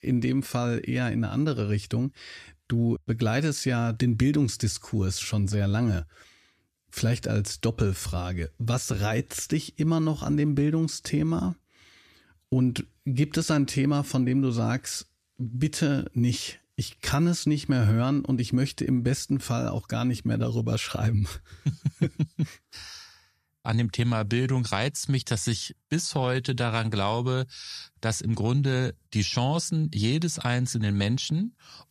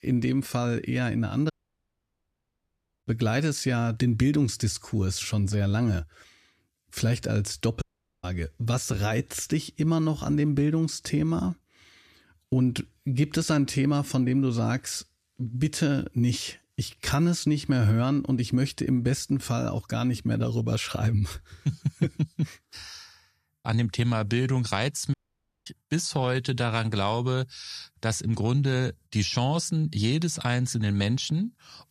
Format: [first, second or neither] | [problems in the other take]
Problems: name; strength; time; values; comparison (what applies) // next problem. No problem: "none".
first | audio cutting out; at 1.5 s for 1.5 s, at 8 s and at 25 s for 0.5 s